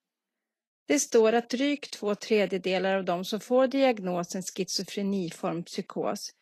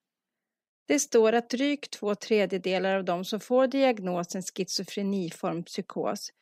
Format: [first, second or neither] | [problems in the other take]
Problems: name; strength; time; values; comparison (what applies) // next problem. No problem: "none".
second | garbled, watery; slightly; nothing above 12.5 kHz